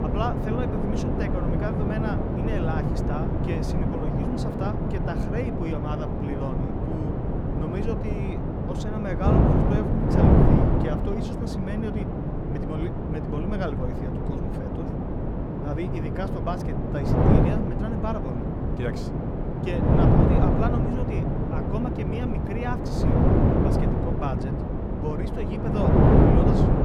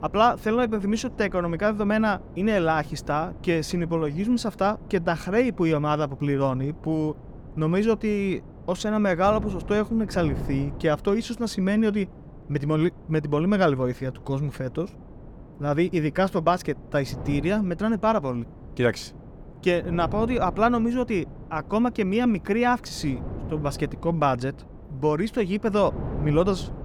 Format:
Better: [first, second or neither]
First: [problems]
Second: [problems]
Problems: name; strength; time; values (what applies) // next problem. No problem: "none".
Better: second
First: wind noise on the microphone; heavy; 5 dB above the speech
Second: wind noise on the microphone; occasional gusts; 20 dB below the speech